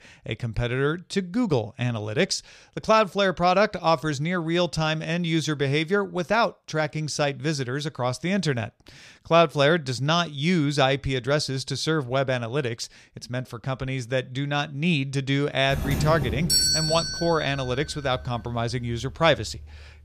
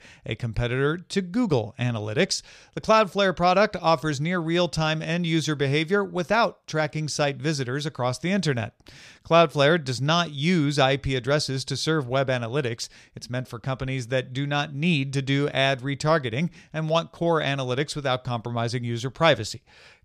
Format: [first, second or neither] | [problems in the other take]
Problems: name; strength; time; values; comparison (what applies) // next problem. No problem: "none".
second | doorbell; loud; from 16 to 19 s; peak 6 dB above the speech